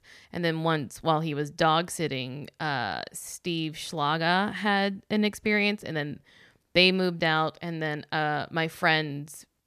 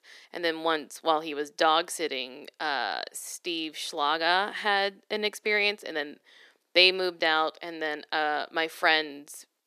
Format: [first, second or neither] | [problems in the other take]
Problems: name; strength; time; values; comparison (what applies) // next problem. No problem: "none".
first | thin; very; fading below 350 Hz